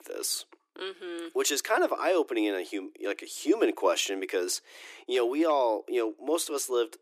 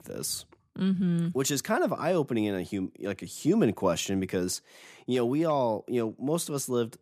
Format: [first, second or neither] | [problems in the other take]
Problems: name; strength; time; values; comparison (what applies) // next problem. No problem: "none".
second | thin; very; fading below 300 Hz